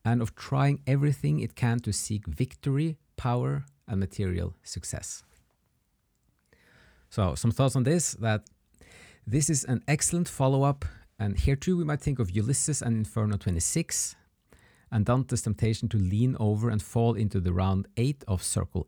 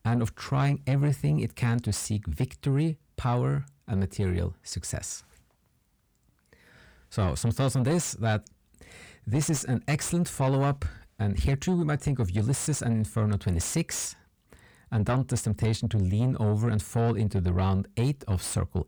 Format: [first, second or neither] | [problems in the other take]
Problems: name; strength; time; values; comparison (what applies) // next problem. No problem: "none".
first | distortion; slight; 10 dB below the speech